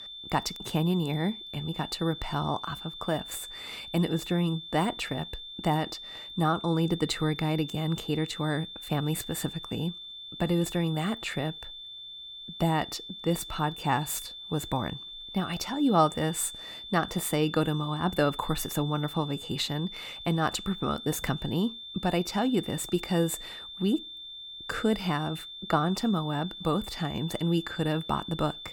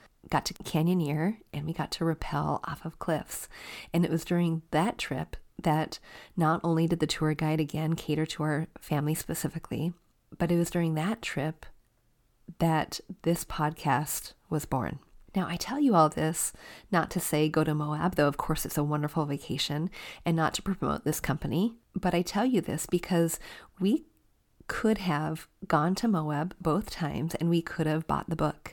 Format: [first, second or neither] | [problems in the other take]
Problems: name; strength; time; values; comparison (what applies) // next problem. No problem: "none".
second | high-pitched whine; noticeable; throughout; 3.5 kHz, 10 dB below the speech